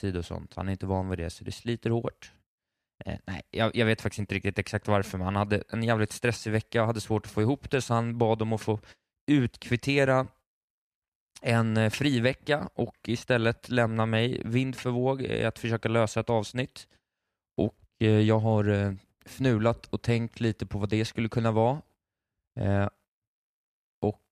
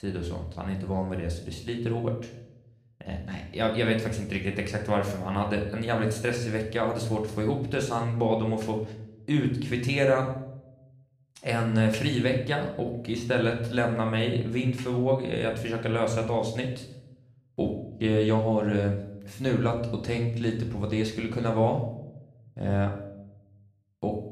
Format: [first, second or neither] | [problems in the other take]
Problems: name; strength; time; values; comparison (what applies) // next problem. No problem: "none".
first | room echo; slight; dies away in 0.6 s // off-mic speech; somewhat distant